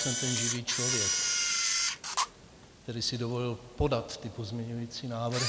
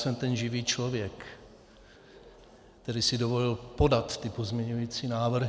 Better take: second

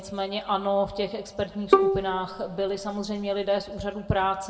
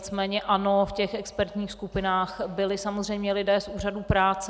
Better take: second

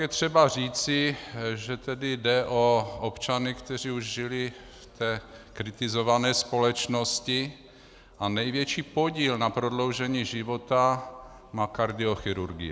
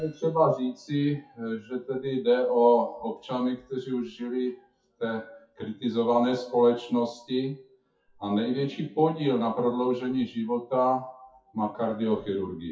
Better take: first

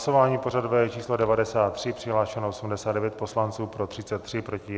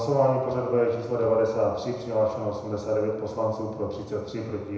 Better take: first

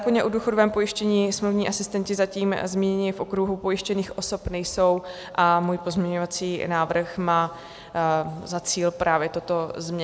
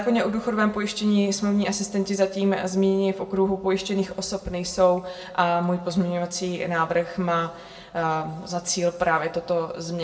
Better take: first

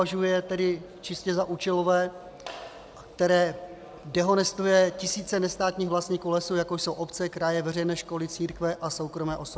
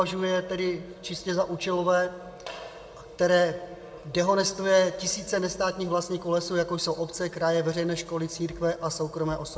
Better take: first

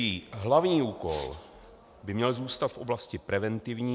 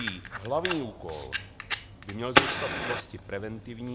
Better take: first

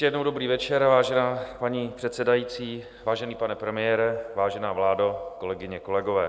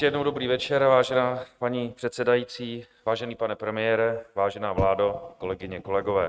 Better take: first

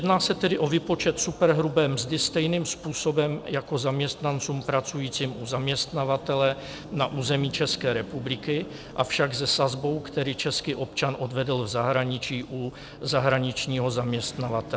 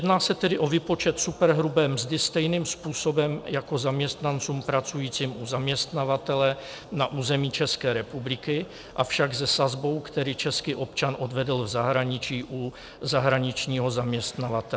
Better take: second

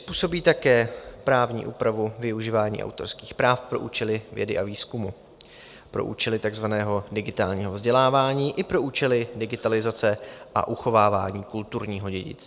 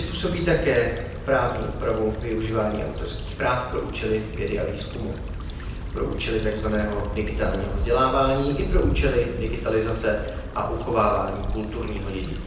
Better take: first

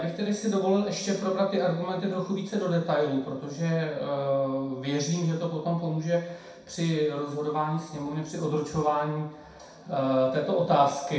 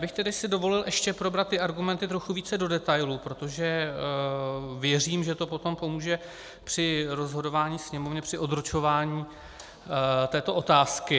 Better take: second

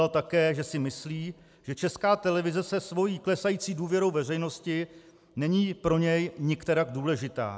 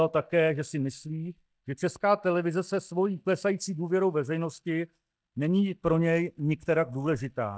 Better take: first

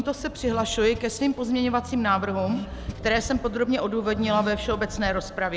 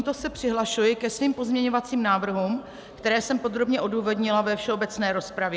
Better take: second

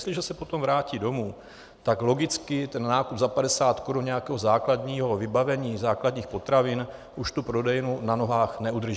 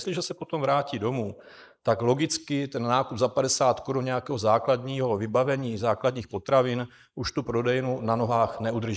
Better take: first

